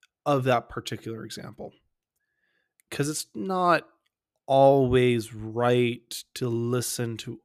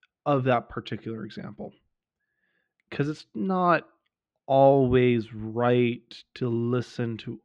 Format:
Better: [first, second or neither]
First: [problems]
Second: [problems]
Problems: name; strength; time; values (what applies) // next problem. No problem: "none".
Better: first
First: none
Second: muffled; slightly; fading above 3.5 kHz